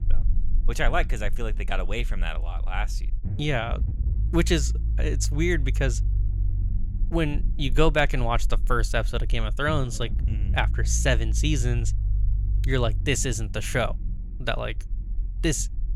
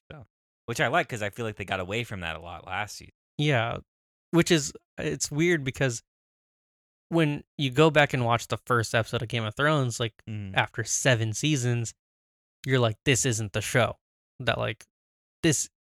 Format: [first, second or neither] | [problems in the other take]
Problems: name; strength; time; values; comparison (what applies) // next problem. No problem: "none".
second | low rumble; noticeable; throughout; 20 dB below the speech